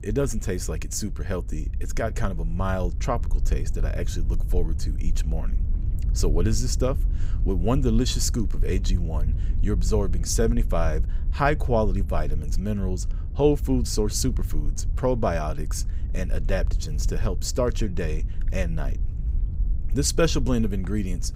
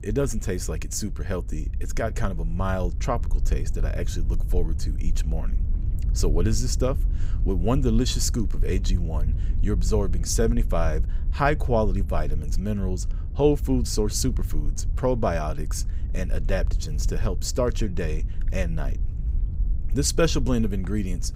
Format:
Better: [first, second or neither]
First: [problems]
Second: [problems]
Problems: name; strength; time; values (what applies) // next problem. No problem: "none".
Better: neither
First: wind noise on the microphone; occasional gusts; 20 dB below the speech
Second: wind noise on the microphone; occasional gusts; 20 dB below the speech